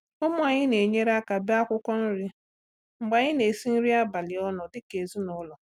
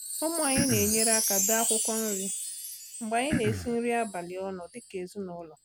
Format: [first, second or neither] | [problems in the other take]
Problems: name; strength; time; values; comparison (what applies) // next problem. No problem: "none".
first | background sound (Cough + Wind chime); as loud as the speech